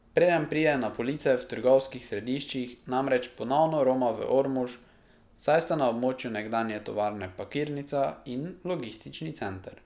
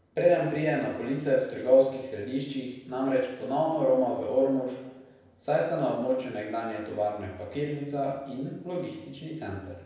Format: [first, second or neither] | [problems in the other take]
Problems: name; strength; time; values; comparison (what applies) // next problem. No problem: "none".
first | room echo; dies away in 0.9 s